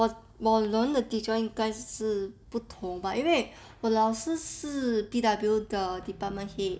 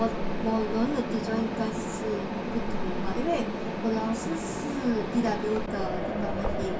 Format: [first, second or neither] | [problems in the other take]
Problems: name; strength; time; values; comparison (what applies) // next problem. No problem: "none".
first | background sound (Mechanisms); as loud as the speech // room echo; dies away in 0.2 s